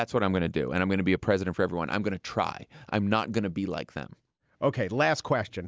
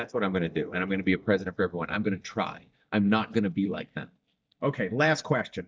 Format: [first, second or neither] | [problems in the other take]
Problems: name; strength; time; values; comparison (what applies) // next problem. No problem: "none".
first | noise reduction (neural mask model DeepFilterNet 3)